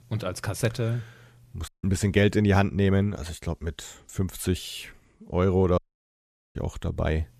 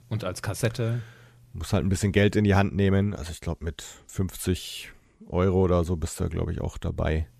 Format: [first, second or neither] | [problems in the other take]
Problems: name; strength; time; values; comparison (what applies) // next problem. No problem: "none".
second | audio cutting out; at 1.5 s and at 6 s for 1 s